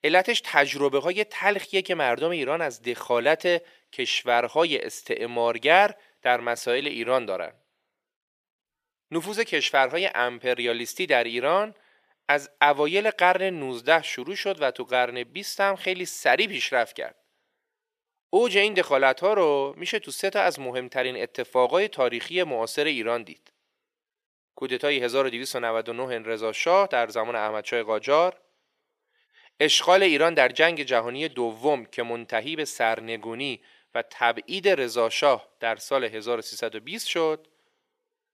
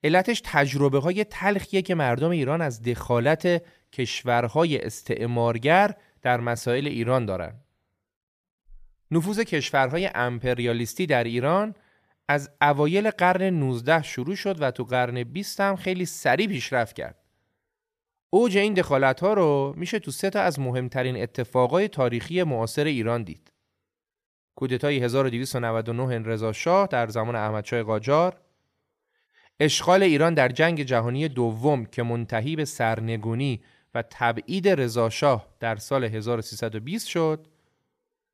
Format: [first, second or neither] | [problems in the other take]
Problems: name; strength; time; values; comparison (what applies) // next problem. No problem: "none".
second | thin; somewhat; fading below 450 Hz